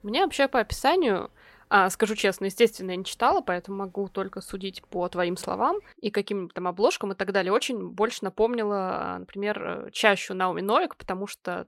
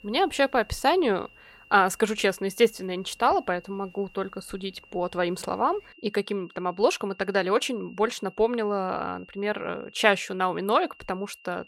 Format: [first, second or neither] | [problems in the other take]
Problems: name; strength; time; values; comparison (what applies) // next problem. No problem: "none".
first | high-pitched whine; faint; throughout; 3 kHz, 25 dB below the speech